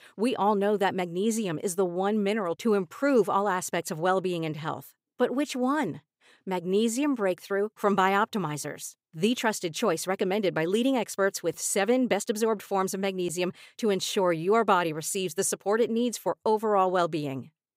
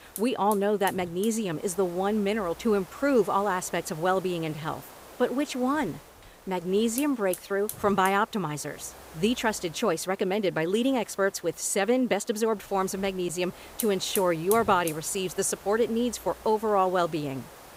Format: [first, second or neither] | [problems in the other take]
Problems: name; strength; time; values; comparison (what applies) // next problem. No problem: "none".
first | hiss; noticeable; throughout; 15 dB below the speech